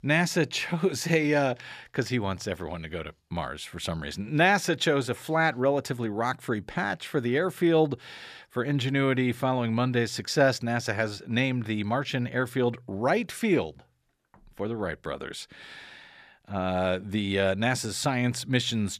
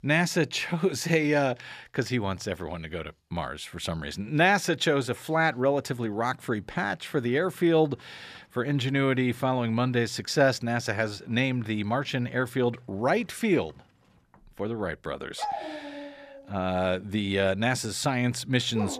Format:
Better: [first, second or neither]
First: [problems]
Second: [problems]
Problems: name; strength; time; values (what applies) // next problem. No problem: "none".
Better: first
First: none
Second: animal sounds; noticeable; from 5.5 s on; 15 dB below the speech